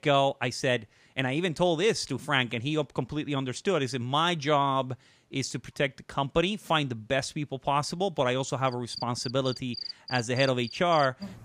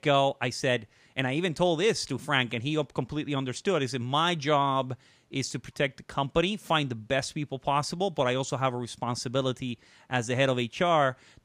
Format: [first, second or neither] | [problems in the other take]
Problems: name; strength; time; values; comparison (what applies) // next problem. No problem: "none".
second | animal sounds; noticeable; from 9 s on; 10 dB below the speech